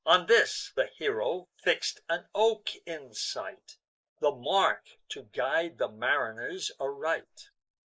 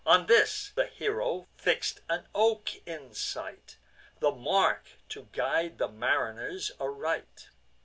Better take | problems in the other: second | noise reduction (neural mask model Resemble Enhance denoiser)

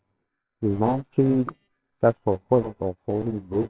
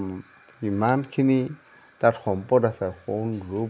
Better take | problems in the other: second | noise reduction (neural separator model SepFormer WHAMR!)

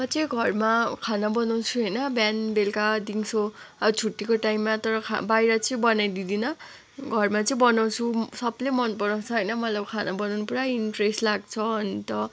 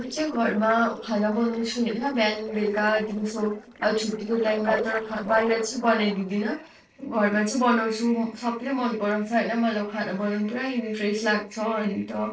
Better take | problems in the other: first | noise reduction (neural separator model SepFormer DNS4)

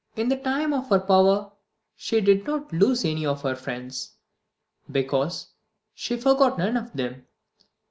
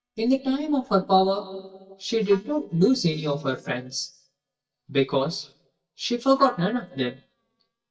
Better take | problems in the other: first | noise reduction (neural mask model DeepFilterNet 3)

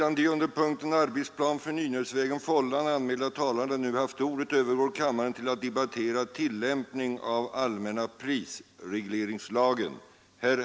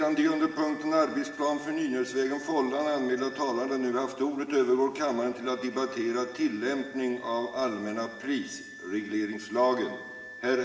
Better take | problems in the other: first | background sound (Wind instrument, woodwind instrument); 18 dB below the speech // room echo; dies away in 2.6 s

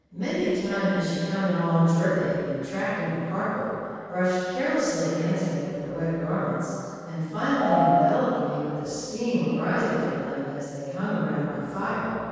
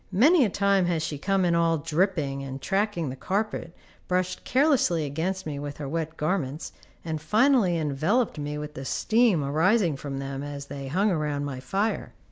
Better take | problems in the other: second | noise reduction (neural separator model SepFormer DNS4)

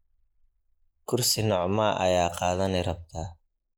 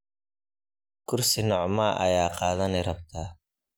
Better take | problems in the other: second | noise reduction (neural mask model Resemble Enhance denoiser)

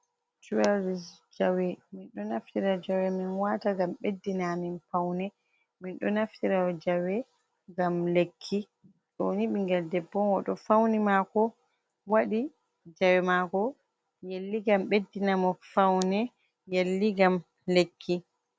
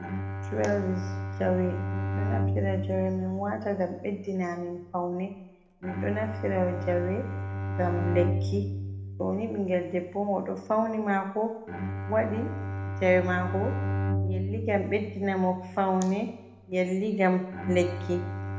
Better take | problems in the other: first | background sound (Bowed string instrument); 4 dB below the speech // room echo; dies away in 0.7 s

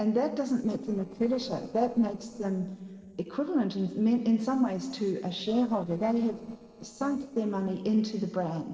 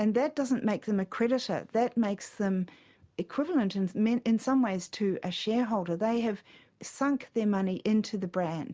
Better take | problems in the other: second | noise reduction (neural separator model SepFormer DNS4)

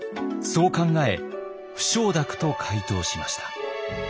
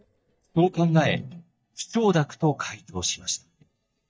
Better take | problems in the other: first | noise reduction (neural mask model DeepFilterNet 3)

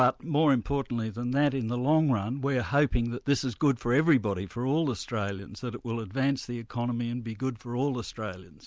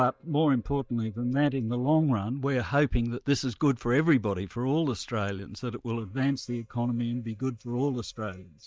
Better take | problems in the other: first | noise reduction (neural mask model DeepFilterNet 3)

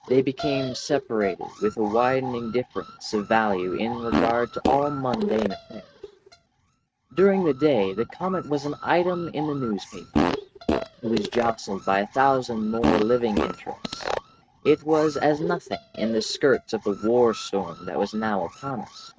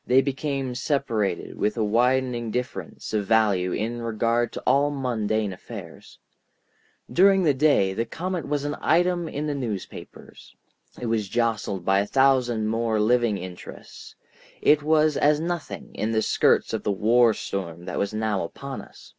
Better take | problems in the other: second | noise reduction (neural mask model RNNoise)

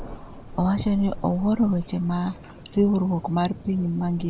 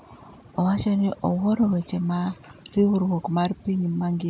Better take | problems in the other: second | background sound (Thunder); 14 dB below the speech

